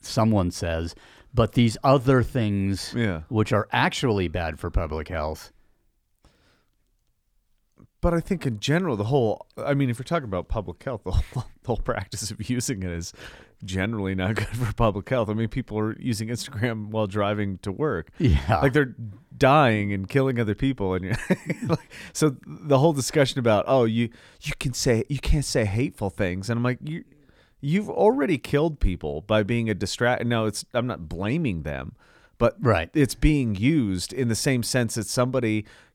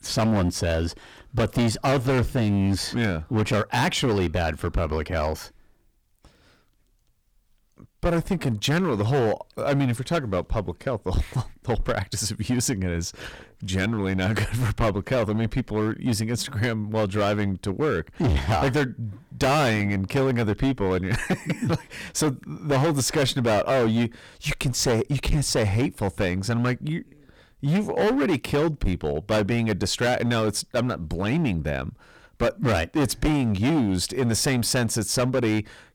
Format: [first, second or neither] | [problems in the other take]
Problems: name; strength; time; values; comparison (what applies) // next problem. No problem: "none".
first | distortion; heavy; 14% of the sound clipped